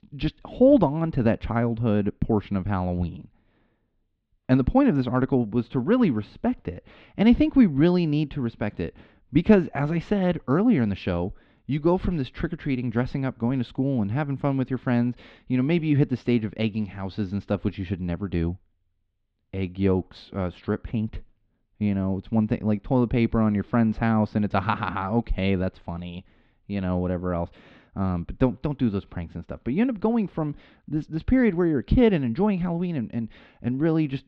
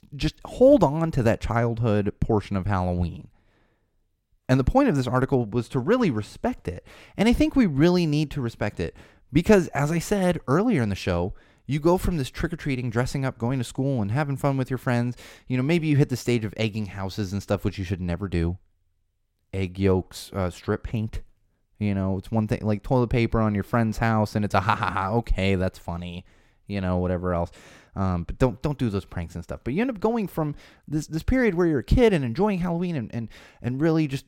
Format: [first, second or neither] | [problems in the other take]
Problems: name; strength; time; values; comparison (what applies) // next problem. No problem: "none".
second | muffled; slightly; fading above 3.5 kHz